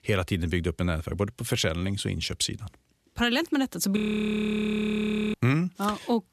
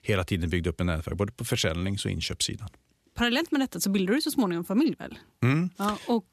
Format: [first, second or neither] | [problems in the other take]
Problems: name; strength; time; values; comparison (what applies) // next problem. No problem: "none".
second | audio freezing; at 4 s for 1.5 s